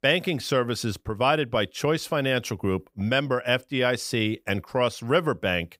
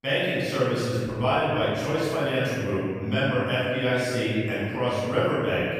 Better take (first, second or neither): first